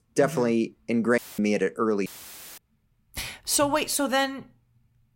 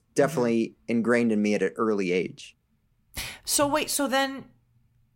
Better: second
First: audio cutting out; filled with static; at 1 s and at 2 s for 0.5 s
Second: none

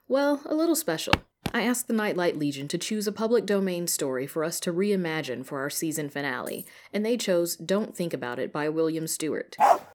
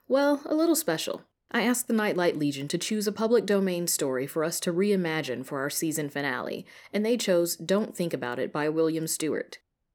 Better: second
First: footsteps; very faint; at 1 s; peak 1 dB above the speech // jangling keys; faint; at 6.5 s; peak 15 dB below the speech // dog barking; loud; at 9.5 s; peak 6 dB above the speech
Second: none

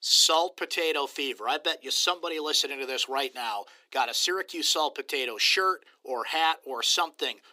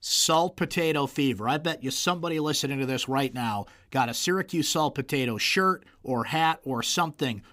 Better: second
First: thin; very; fading below 350 Hz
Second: none

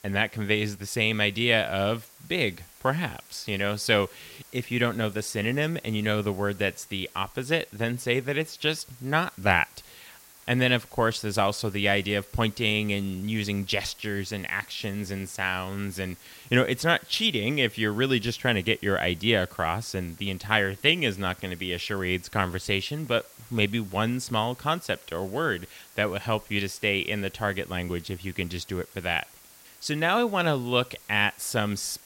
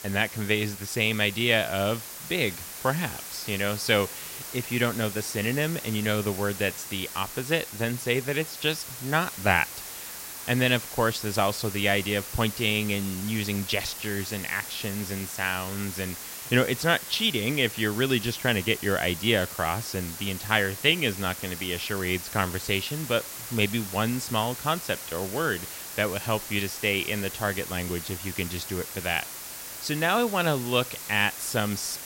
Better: first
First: hiss; faint; throughout; 25 dB below the speech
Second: hiss; loud; throughout; 9 dB below the speech

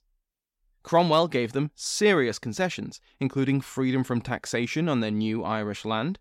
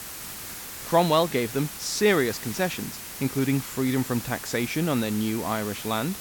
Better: first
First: none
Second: hiss; loud; throughout; 9 dB below the speech

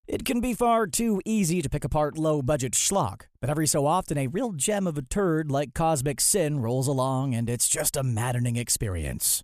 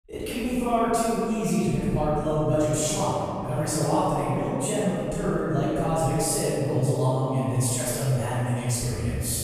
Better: first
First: none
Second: off-mic speech; far // room echo; strong; dies away in 2.3 s

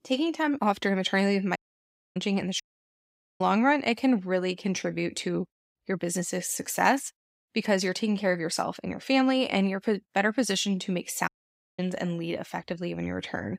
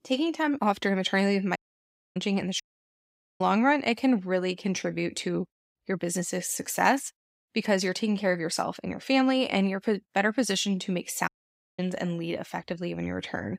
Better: neither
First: audio cutting out; at 1.5 s for 0.5 s, at 2.5 s for 1 s and at 11 s for 0.5 s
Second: audio cutting out; at 1.5 s for 0.5 s, at 2.5 s for 1 s and at 11 s for 0.5 s

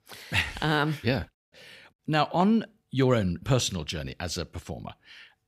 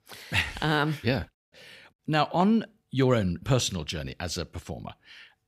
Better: neither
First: none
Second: none

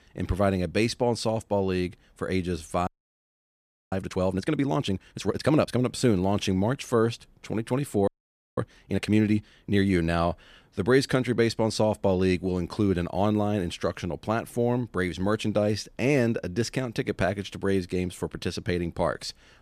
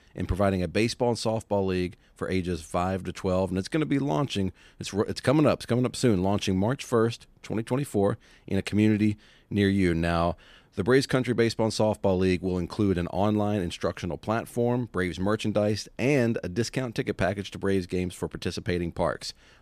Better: second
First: audio freezing; at 3 s for 1 s and at 8 s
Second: none

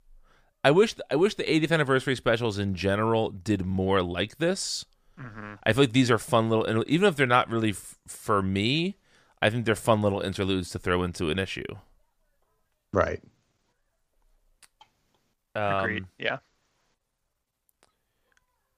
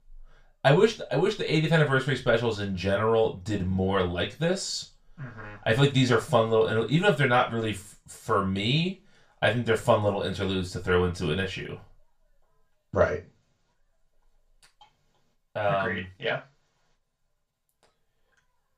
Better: first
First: none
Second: room echo; very slight; dies away in 0.2 s // off-mic speech; far

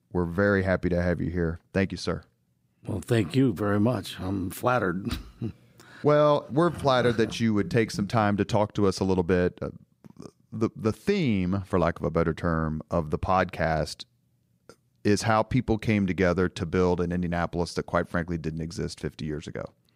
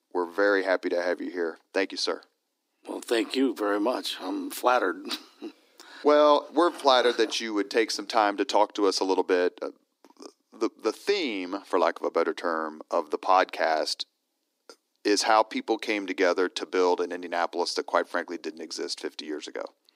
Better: first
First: none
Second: thin; somewhat; fading below 300 Hz

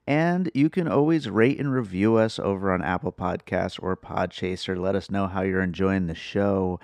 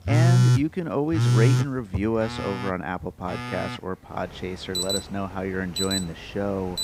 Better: first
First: none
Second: alarms or sirens; very loud; throughout; 4 dB above the speech

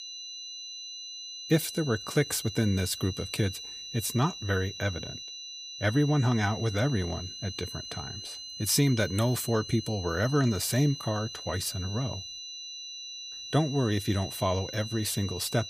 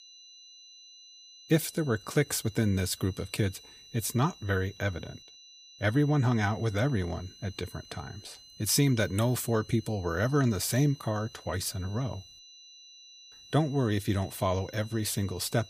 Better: second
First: high-pitched whine; loud; throughout; 4 kHz, 10 dB below the speech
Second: high-pitched whine; faint; throughout; 4 kHz, 20 dB below the speech

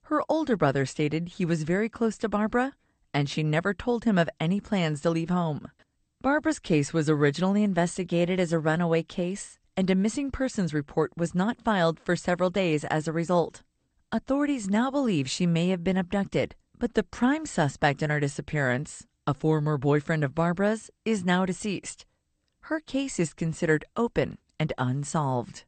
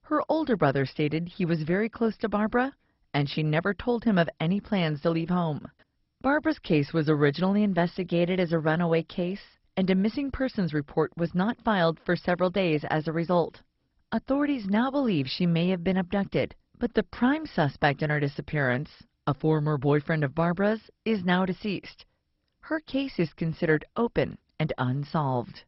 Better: first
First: garbled, watery; slightly; nothing above 8.5 kHz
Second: garbled, watery; badly; nothing above 5.5 kHz

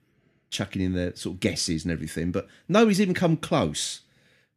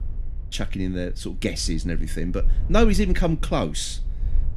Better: first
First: none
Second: low rumble; faint; throughout; 25 dB below the speech

